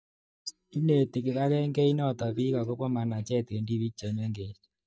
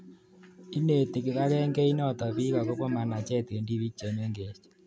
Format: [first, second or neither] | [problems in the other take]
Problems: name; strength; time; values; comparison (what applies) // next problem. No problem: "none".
second | noise reduction (neural mask model DeepFilterNet 3)